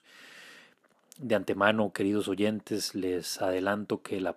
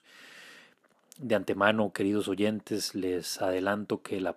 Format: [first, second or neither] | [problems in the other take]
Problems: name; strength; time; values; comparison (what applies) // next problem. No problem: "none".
neither | none